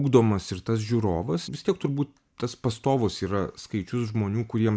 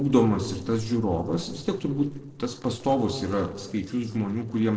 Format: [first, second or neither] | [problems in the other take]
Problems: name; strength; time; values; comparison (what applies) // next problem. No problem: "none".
first | noise reduction (neural separator model SepFormer DNS4)